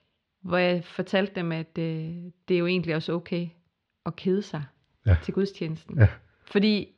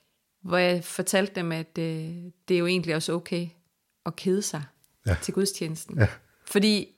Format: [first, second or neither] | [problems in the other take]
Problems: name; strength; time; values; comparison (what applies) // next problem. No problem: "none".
second | muffled; very slightly; fading above 3.5 kHz